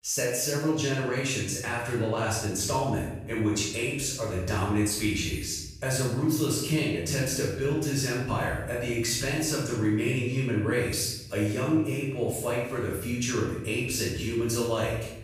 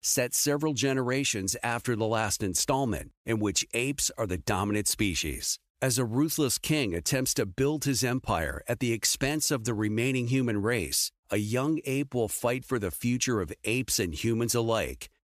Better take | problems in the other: second | room echo; strong; dies away in 0.9 s // off-mic speech; far

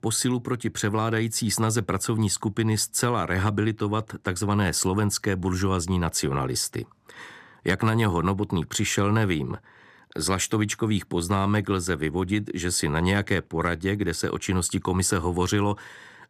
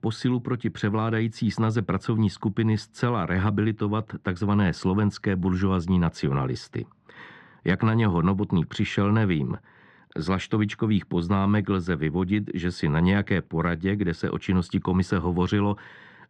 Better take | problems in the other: first | muffled; slightly; fading above 3.5 kHz

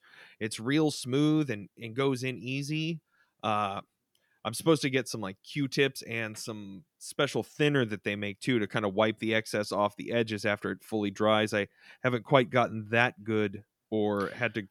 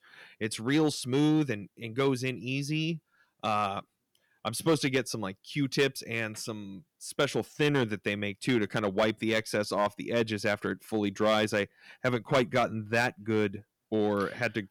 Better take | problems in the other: first | distortion; slight; 2% of the sound clipped

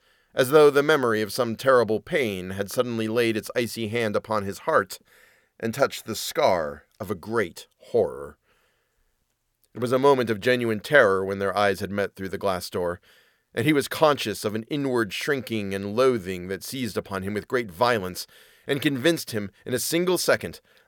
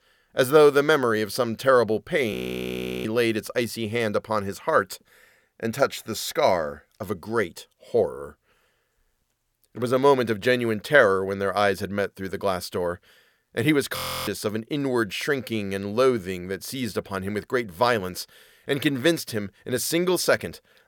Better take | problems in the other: first | audio freezing; at 2.5 s for 0.5 s and at 14 s

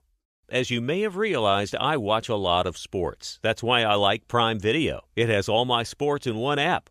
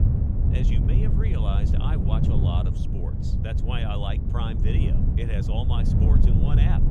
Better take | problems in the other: first | wind noise on the microphone; heavy; 1 dB above the speech

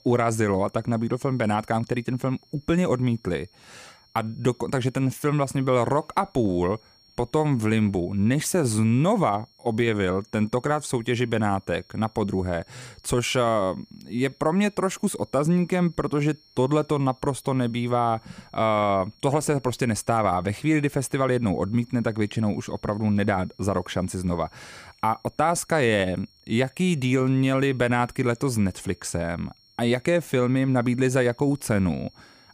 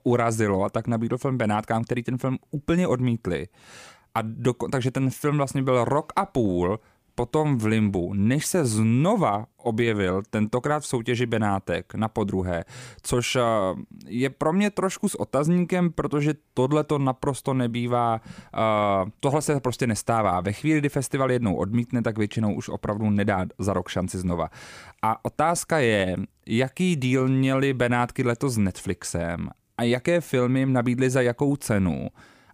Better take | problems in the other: second | high-pitched whine; faint; throughout; 5.5 kHz, 30 dB below the speech

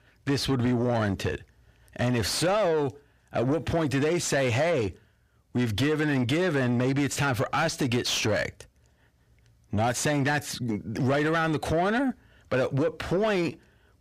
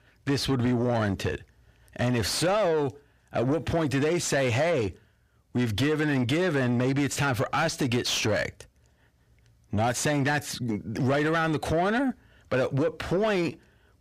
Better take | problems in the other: neither | distortion; slight; 10 dB below the speech; the same in both

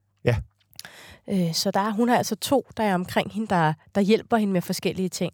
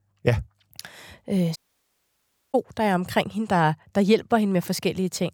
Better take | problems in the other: first | audio cutting out; at 1.5 s for 1 s

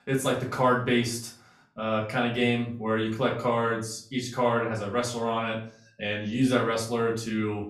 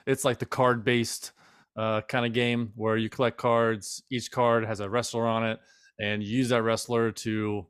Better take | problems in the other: second | off-mic speech; far // room echo; slight; dies away in 0.4 s

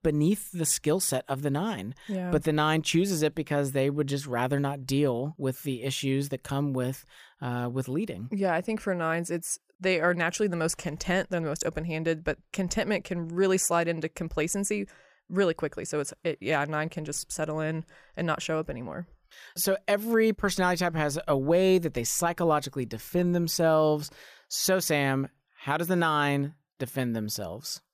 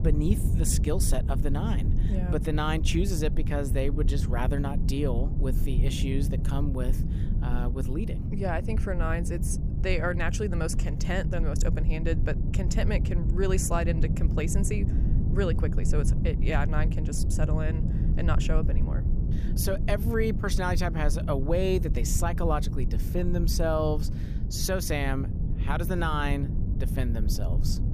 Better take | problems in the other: first | low rumble; loud; throughout; 9 dB below the speech

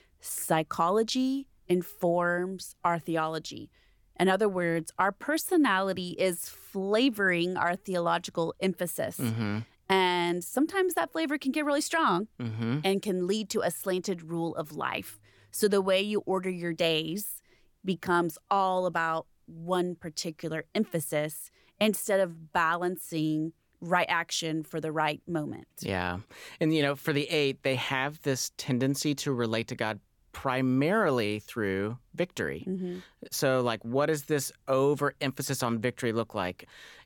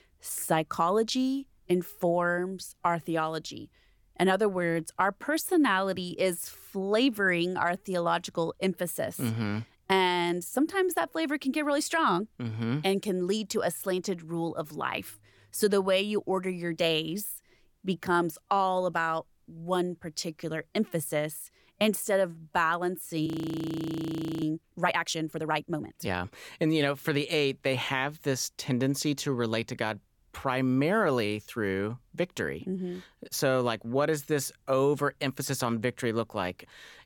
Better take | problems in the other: first | audio freezing; at 23 s for 1 s

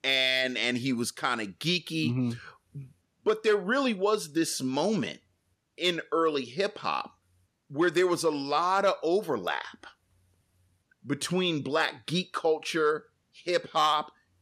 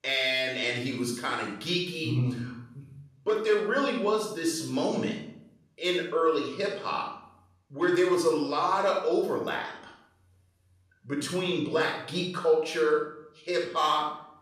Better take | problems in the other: first | off-mic speech; far // room echo; noticeable; dies away in 0.6 s

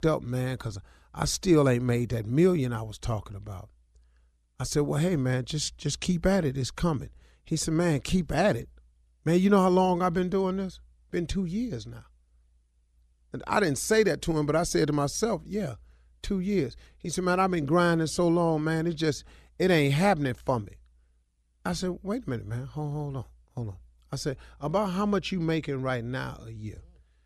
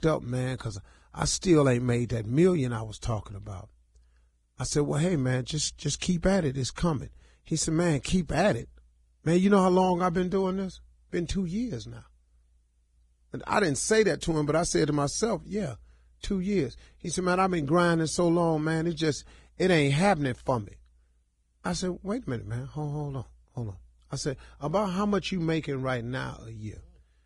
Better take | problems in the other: first | garbled, watery; badly

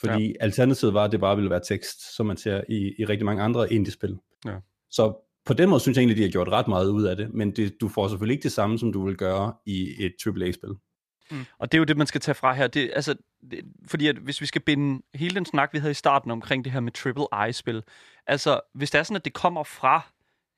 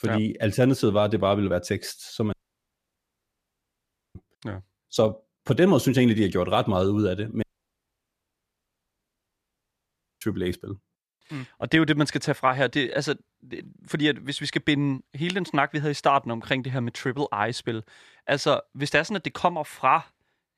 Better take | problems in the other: first | audio cutting out; at 2.5 s for 2 s and at 7.5 s for 3 s

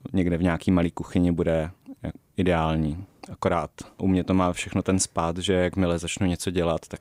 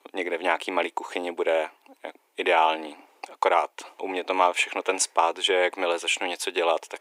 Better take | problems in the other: first | thin; very; fading below 350 Hz

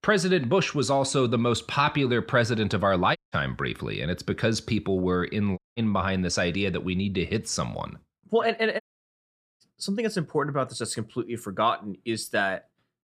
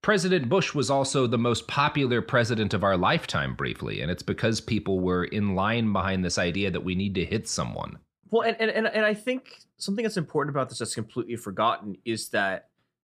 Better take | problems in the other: second | audio cutting out; at 3 s, at 5.5 s and at 9 s for 1 s

